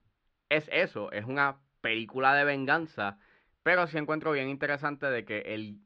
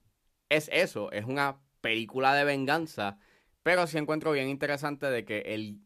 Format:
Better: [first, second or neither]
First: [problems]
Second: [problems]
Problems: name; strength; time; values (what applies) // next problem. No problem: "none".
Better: second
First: muffled; slightly; fading above 4 kHz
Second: none